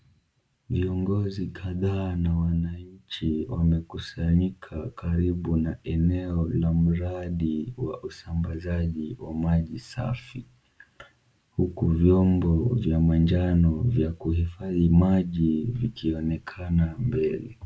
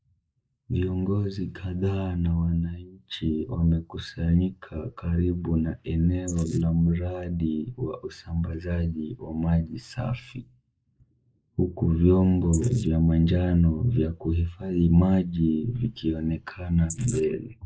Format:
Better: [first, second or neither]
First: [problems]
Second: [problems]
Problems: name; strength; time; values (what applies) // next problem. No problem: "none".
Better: first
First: none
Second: noise reduction (neural mask model Resemble Enhance denoiser)